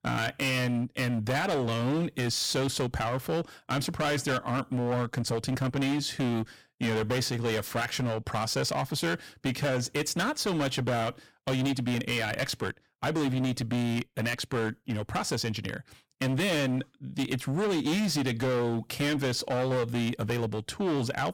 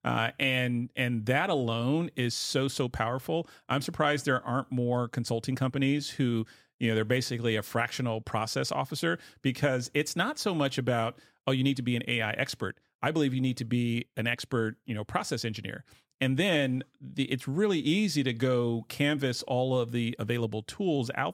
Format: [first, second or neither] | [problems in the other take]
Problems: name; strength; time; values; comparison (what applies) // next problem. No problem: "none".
second | distortion; heavy; 21% of the sound clipped